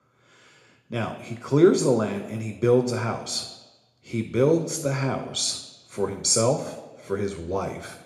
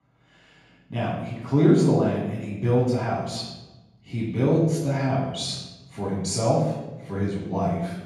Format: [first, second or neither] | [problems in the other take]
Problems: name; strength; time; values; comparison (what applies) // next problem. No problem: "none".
first | room echo; strong; dies away in 1.3 s; slight in the first // off-mic speech; far; somewhat distant in the first